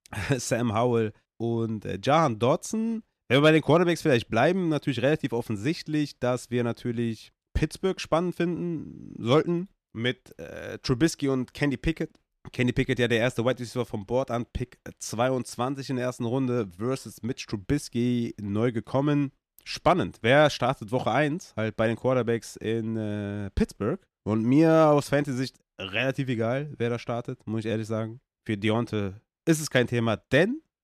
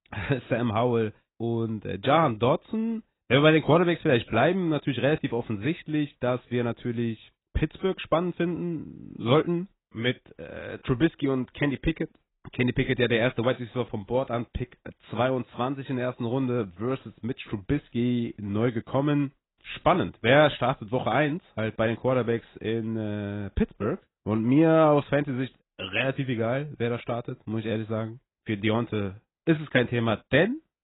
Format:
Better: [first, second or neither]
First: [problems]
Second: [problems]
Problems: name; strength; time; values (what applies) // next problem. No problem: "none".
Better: first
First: none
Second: garbled, watery; badly; nothing above 4 kHz